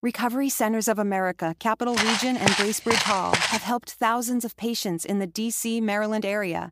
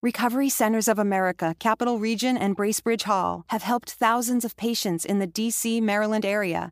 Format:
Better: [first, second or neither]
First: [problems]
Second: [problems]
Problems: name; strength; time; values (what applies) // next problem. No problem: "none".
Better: second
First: footsteps; loud; from 2 to 3.5 s; peak 3 dB above the speech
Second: none